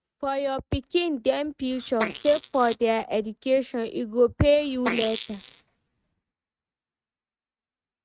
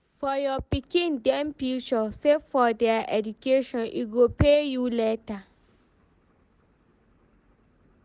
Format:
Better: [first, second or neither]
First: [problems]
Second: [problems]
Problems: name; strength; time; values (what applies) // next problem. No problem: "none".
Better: second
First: noise reduction (neural mask model RNNoise)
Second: none